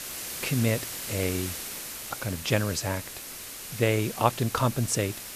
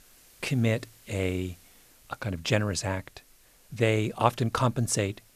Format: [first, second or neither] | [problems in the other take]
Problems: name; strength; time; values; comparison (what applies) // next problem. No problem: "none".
second | hiss; loud; throughout; 7 dB below the speech; faint in the second